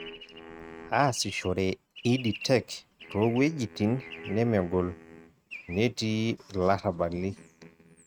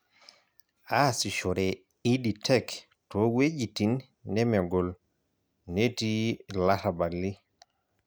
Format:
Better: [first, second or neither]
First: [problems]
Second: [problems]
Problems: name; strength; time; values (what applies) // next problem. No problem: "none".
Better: second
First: noise reduction (neural mask model RNNoise)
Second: none